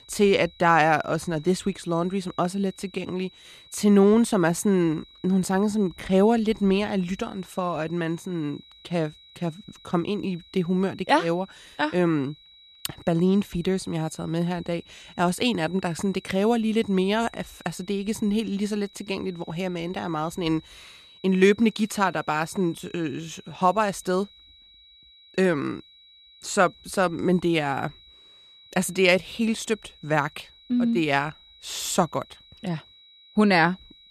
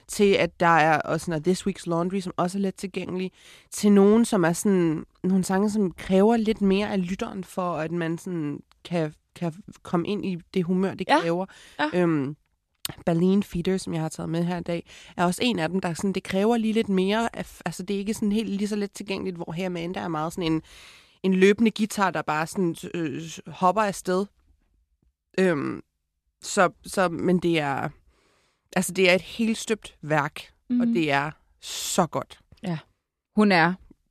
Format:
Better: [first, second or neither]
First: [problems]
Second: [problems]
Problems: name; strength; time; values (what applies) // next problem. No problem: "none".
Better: second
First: high-pitched whine; faint; throughout; 4 kHz, 25 dB below the speech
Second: none